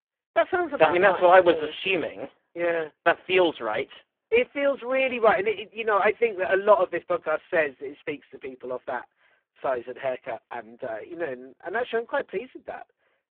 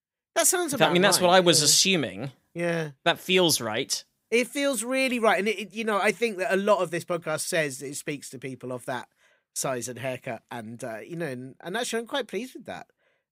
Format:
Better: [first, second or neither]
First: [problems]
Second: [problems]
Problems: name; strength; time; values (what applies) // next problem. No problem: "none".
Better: second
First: phone-call audio; poor line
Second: none